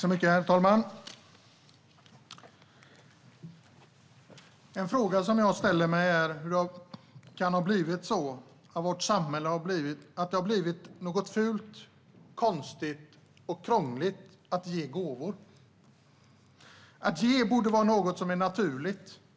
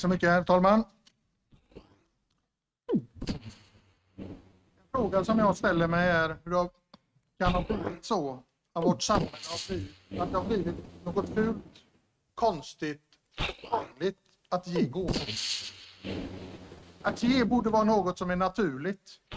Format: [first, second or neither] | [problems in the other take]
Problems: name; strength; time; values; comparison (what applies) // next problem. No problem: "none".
first | noise reduction (neural mask model RNNoise)